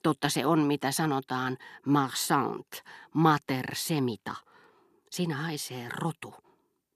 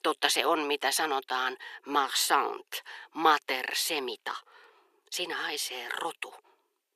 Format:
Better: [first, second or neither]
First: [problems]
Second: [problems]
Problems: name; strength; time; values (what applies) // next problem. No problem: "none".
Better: first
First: none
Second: thin; very; fading below 450 Hz